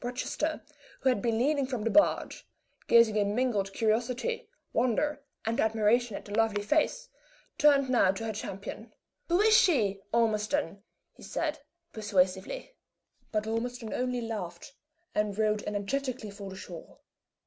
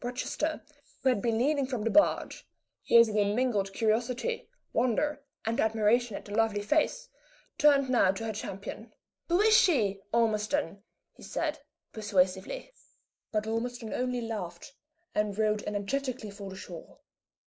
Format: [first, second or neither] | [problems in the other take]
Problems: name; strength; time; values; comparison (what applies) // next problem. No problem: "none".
first | noise reduction (neural mask model Resemble Enhance denoiser)